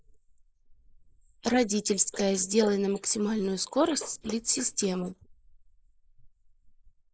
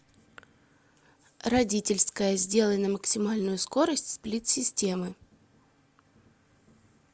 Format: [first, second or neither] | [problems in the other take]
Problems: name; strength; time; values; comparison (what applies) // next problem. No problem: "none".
second | noise reduction (neural mask model Resemble Enhance denoiser)